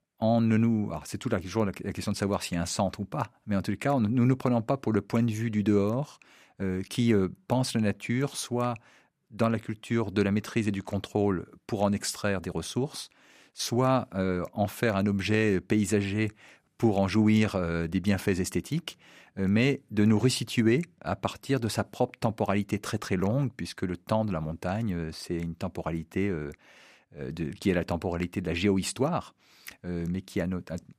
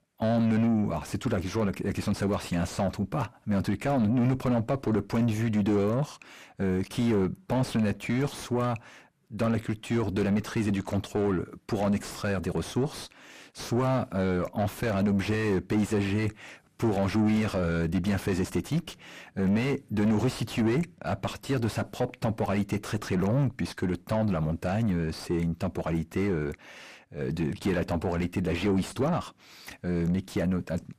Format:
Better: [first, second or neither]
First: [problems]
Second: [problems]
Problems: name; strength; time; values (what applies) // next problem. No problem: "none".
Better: first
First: none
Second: distortion; heavy; 6 dB below the speech